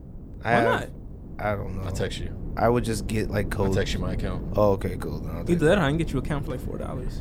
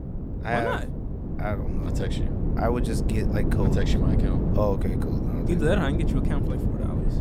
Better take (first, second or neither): first